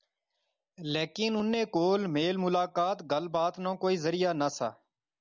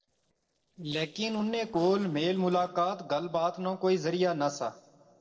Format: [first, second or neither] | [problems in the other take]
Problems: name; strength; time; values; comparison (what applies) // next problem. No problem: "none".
first | noise reduction (neural separator model SepFormer DNS4)